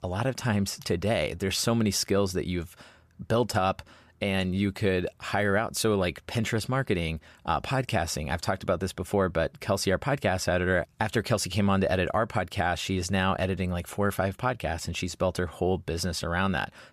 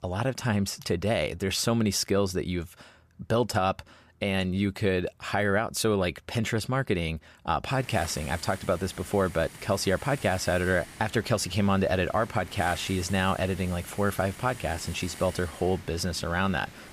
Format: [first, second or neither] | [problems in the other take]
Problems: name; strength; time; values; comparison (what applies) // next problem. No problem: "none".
first | hiss; noticeable; from 7.5 s on; 15 dB below the speech